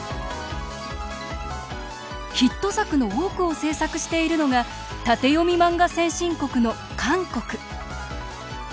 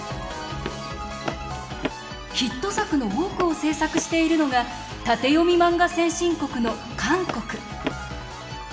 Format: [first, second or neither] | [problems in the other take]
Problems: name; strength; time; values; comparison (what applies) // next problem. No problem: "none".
first | background sound (Run); 11 dB below the speech // room echo; dies away in 0.9 s